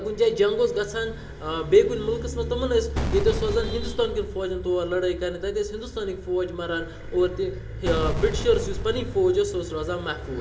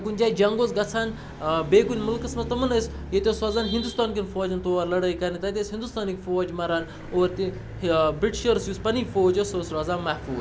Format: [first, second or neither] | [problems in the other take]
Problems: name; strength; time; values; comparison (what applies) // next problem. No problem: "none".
second | background sound (Boom); 5 dB below the speech // room echo; dies away in 1.8 s